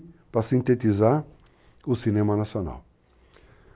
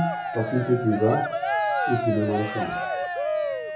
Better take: first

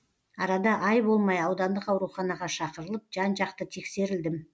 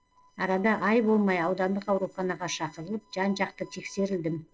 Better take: first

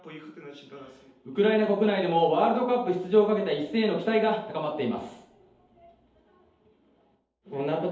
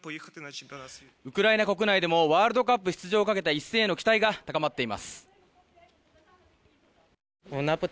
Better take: second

